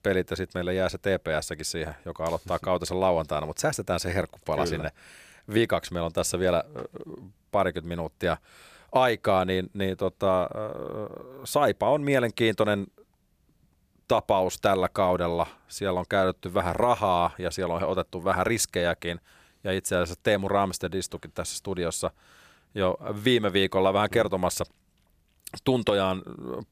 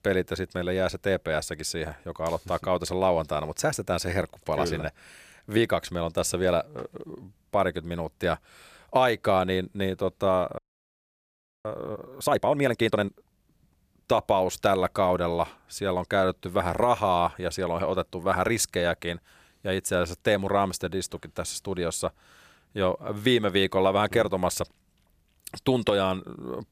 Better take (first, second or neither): first